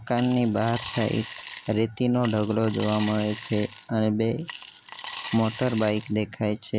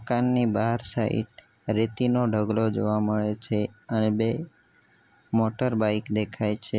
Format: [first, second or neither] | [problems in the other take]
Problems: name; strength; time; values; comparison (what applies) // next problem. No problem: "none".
second | background sound (Coin (dropping) / Glass); 15 dB below the speech